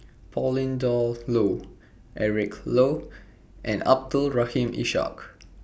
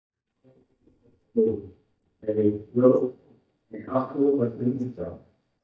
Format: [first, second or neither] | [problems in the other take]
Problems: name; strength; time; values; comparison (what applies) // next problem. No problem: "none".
first | noise reduction (neural mask model DeepFilterNet 3)